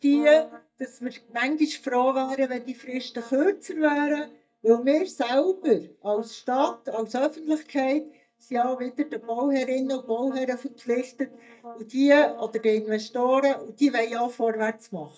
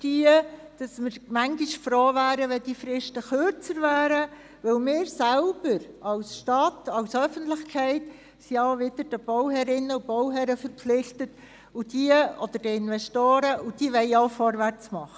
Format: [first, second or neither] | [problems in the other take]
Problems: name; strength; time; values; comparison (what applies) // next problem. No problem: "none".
second | noise reduction (neural mask model DeepFilterNet 3)